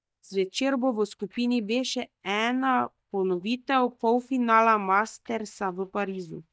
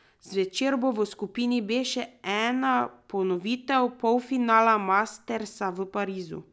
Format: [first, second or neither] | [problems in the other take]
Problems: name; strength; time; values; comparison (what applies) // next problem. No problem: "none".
second | noise reduction (neural mask model DeepFilterNet 3)